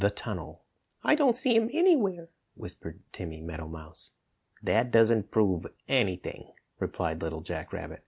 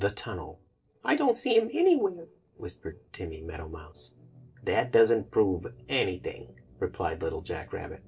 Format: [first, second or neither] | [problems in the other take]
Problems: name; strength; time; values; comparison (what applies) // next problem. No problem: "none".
first | noise reduction (neural separator model SepFormer DNS4)